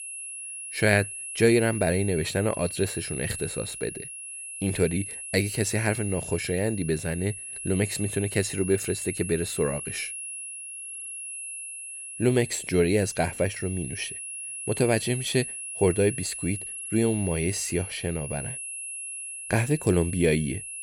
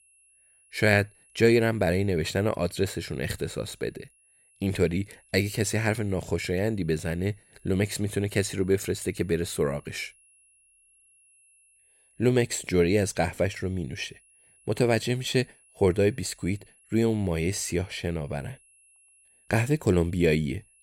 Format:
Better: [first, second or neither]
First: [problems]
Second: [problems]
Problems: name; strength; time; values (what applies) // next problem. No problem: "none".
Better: second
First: high-pitched whine; loud; throughout; 10.5 kHz, 8 dB below the speech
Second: high-pitched whine; faint; throughout; 10.5 kHz, 30 dB below the speech